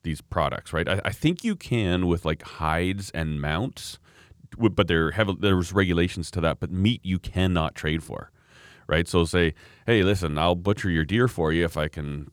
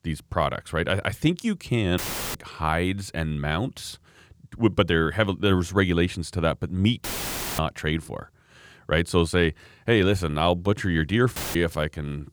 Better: first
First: none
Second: audio cutting out; filled with static; at 2 s, at 7 s for 0.5 s and at 11 s

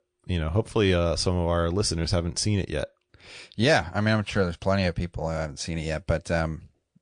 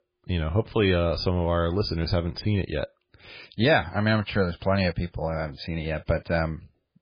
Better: first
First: garbled, watery; slightly; nothing above 9 kHz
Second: garbled, watery; badly; nothing above 5 kHz

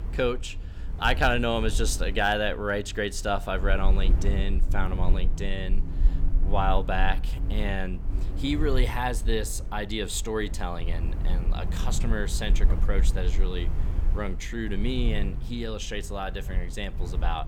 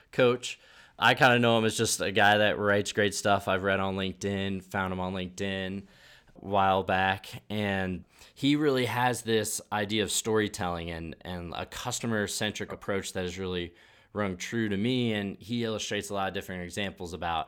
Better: second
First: wind noise on the microphone; occasional gusts; 15 dB below the speech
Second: none

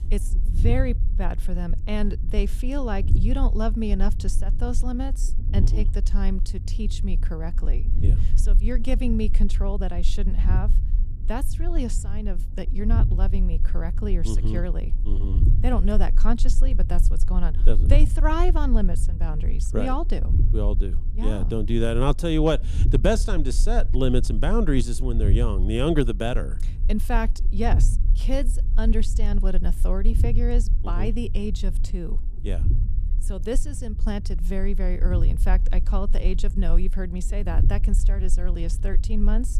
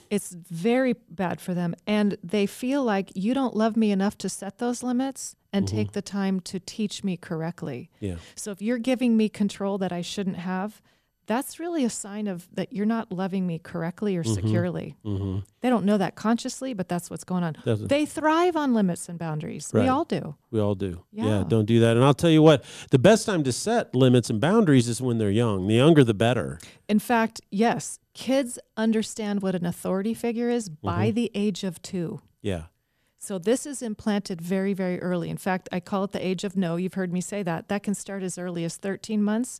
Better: second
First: low rumble; noticeable; throughout; 15 dB below the speech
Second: none

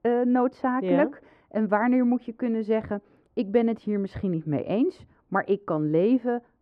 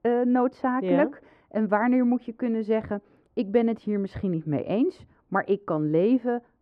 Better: neither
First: muffled; very; fading above 3 kHz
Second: muffled; very; fading above 3 kHz

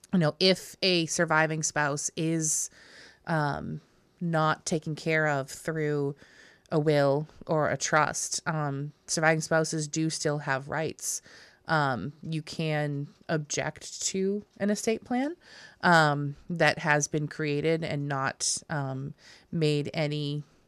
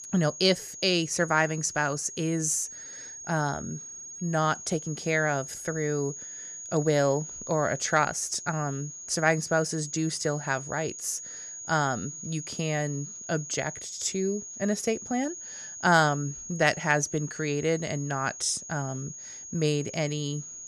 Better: first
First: none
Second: high-pitched whine; noticeable; throughout; 6.5 kHz, 10 dB below the speech

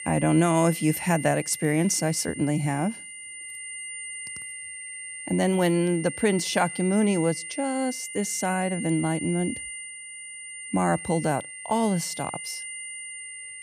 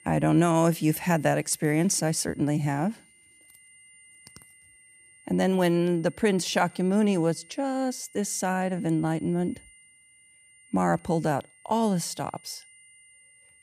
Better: second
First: high-pitched whine; loud; throughout; 2 kHz, 10 dB below the speech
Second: high-pitched whine; faint; throughout; 2 kHz, 25 dB below the speech

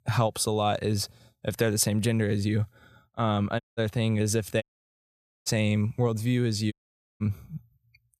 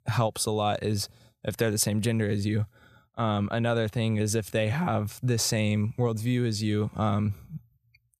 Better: second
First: audio cutting out; at 3.5 s, at 4.5 s for 1 s and at 6.5 s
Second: none

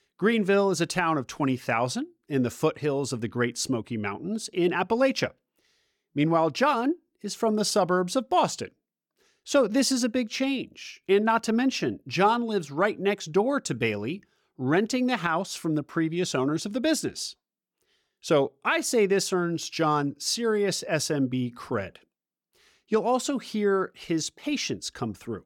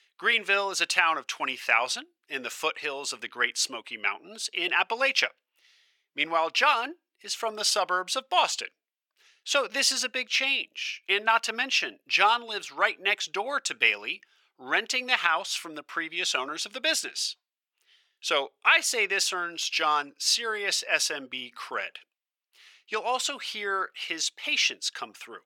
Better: first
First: none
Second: thin; very; fading below 800 Hz

